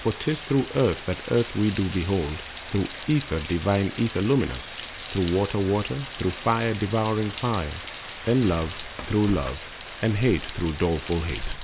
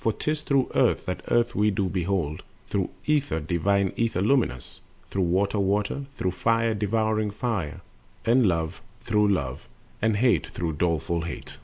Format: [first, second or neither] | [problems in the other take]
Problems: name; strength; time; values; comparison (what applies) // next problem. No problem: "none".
second | background sound (Rain); 12 dB below the speech